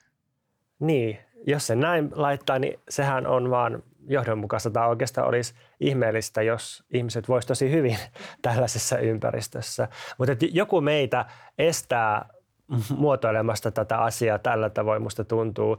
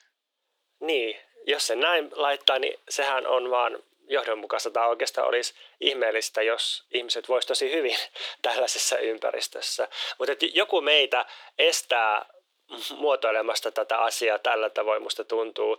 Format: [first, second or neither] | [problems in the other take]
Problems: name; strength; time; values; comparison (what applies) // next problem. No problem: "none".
first | thin; very; fading below 350 Hz